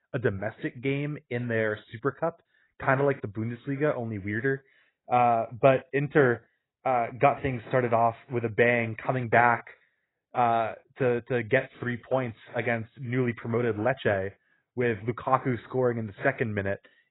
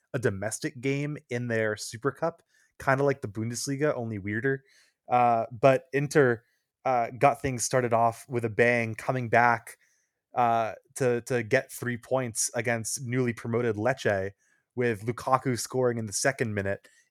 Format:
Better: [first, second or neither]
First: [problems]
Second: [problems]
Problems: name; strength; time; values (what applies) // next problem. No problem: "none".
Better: second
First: garbled, watery; badly; nothing above 4 kHz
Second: none